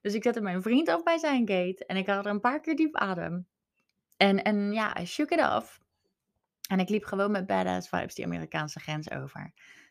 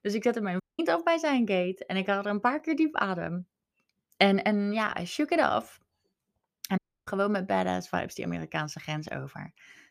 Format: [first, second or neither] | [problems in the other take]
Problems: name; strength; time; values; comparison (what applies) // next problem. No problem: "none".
first | audio cutting out; at 0.5 s and at 7 s